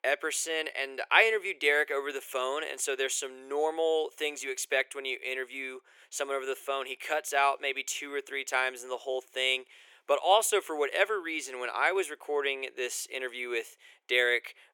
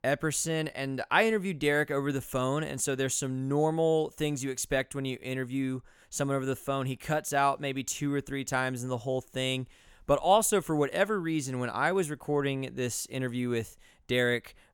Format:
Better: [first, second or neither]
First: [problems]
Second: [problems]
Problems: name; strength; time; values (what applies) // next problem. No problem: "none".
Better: second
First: thin; very; fading below 400 Hz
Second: none